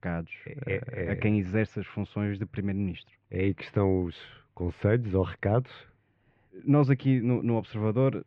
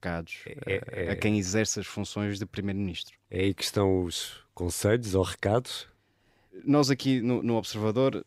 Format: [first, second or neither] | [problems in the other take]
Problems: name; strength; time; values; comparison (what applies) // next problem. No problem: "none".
second | muffled; very; fading above 2.5 kHz